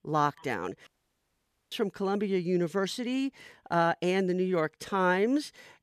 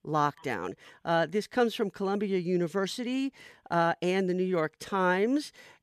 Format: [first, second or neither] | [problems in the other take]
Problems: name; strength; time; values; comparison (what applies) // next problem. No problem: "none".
second | audio cutting out; at 1 s for 1 s